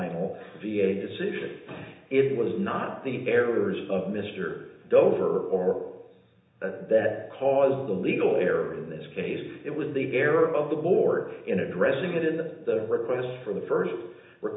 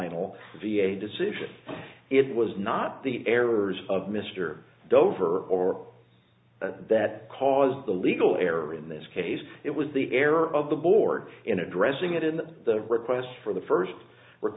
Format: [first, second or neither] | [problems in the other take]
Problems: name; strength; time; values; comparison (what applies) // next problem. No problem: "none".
second | room echo; dies away in 0.8 s